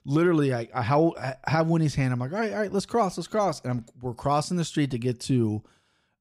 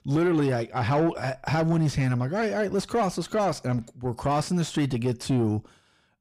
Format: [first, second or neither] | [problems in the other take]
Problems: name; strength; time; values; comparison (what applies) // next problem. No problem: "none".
first | distortion; slight; 10 dB below the speech